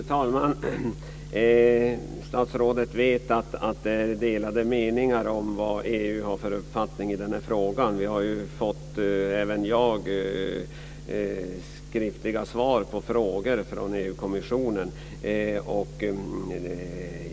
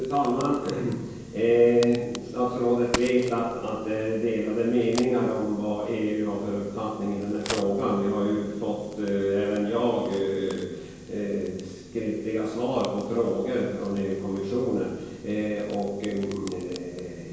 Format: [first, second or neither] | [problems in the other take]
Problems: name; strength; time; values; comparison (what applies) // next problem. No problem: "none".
first | background sound (Crack); 17 dB below the speech // room echo; dies away in 1 s